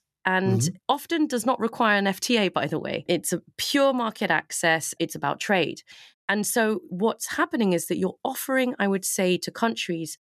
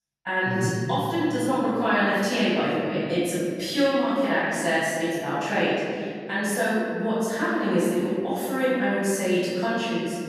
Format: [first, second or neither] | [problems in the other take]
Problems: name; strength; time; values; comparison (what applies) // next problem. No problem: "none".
first | off-mic speech; far // room echo; strong; dies away in 2.2 s